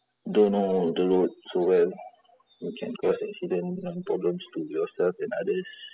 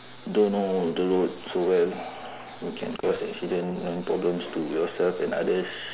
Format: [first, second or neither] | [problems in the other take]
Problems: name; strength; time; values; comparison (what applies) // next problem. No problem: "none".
second | noise reduction (classical method spectral subtraction)